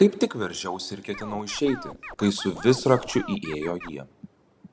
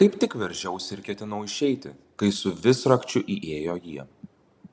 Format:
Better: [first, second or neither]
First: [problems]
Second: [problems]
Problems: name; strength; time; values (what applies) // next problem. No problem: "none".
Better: second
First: background sound (Scratching (performance technique)); 14 dB below the speech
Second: none